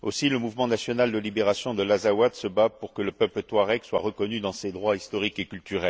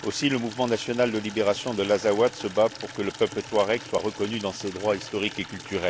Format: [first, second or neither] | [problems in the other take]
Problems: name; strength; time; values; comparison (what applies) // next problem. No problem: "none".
first | background sound (Water tap, faucet / Liquid); 15 dB below the speech